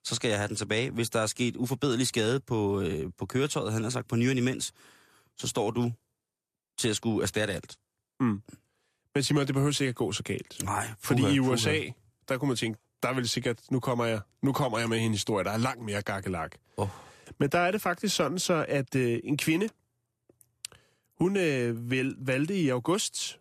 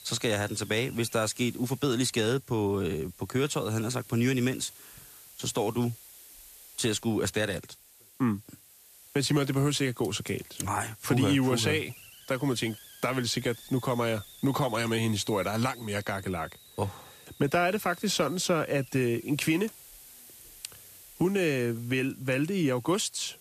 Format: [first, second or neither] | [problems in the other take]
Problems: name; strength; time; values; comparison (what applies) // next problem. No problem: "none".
first | hiss; noticeable; throughout; 20 dB below the speech